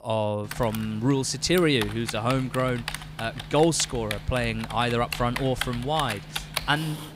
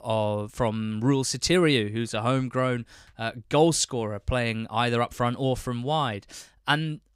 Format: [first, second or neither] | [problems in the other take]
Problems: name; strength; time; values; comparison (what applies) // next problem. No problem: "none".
second | keyboard typing; noticeable; peak 4 dB below the speech